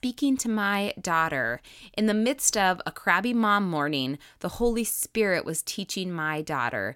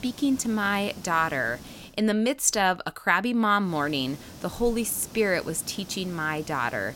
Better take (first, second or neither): first